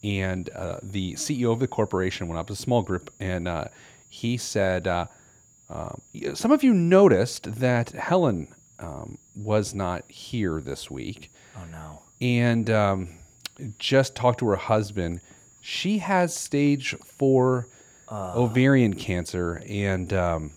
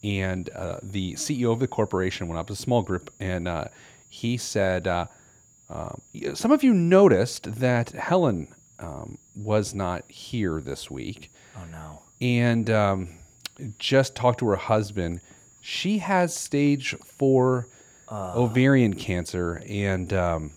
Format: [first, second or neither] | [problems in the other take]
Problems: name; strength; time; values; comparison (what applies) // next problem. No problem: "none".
neither | high-pitched whine; faint; throughout; 7 kHz, 30 dB below the speech; the same in both